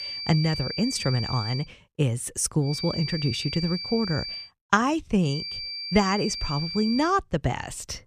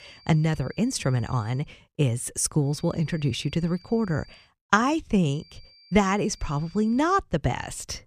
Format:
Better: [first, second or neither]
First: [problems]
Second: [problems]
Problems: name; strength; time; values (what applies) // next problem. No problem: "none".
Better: second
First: high-pitched whine; loud; until 1.5 s, from 2.5 to 4.5 s and from 5.5 to 7 s; 4.5 kHz, 6 dB below the speech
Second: high-pitched whine; faint; until 1.5 s, from 2.5 to 4.5 s and from 5.5 to 7 s; 4.5 kHz, 25 dB below the speech